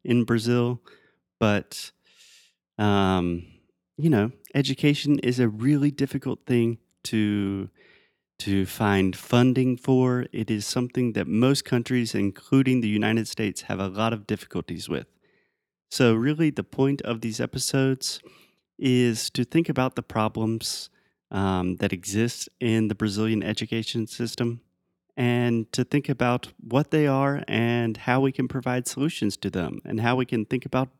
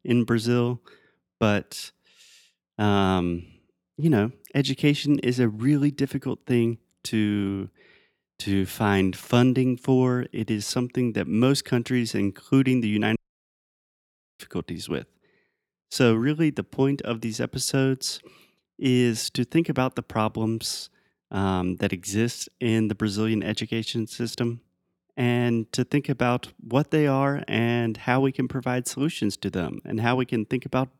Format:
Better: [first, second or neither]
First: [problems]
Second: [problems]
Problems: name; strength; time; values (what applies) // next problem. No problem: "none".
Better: first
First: none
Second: audio cutting out; at 13 s for 1 s